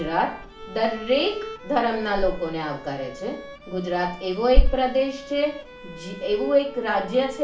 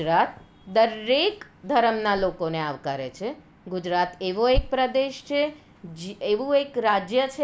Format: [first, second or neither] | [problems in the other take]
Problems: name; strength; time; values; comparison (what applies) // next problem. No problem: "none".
second | background sound (Bowed string instrument); 17 dB below the speech // room echo; dies away in 0.4 s